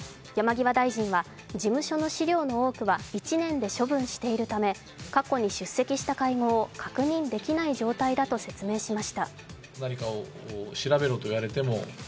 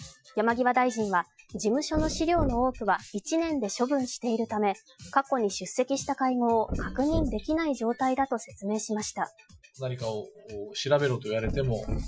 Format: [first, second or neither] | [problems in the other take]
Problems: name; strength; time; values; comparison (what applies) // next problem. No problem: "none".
first | noise reduction (classical method Wiener filter)